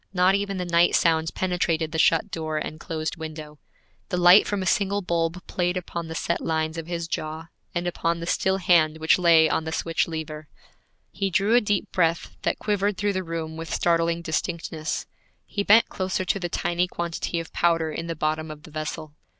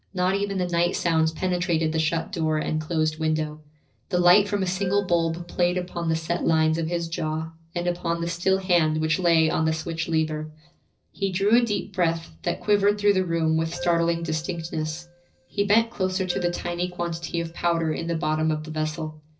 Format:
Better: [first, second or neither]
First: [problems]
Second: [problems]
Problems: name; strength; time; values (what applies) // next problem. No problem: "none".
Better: first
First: none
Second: noise reduction (neural separator model SepFormer DNS4)